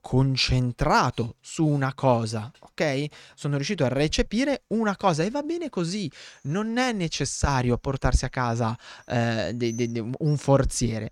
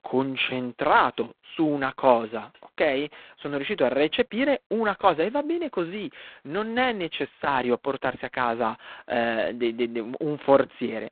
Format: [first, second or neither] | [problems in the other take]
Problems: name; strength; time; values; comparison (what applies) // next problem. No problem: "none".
first | phone-call audio; poor line; nothing above 3.5 kHz